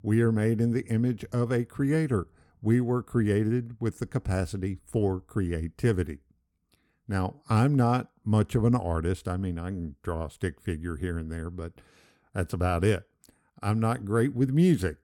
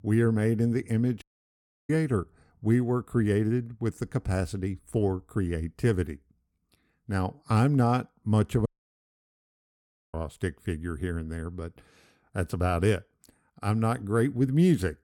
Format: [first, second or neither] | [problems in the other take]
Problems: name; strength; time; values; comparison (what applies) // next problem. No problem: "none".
first | audio cutting out; at 1 s for 0.5 s and at 8.5 s for 1.5 s